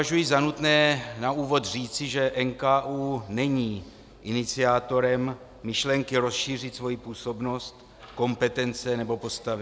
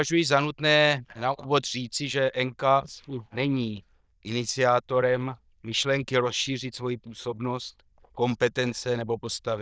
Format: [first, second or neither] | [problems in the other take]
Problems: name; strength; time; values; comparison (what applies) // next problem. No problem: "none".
first | noise reduction (neural diffusion model UNIVERSE++)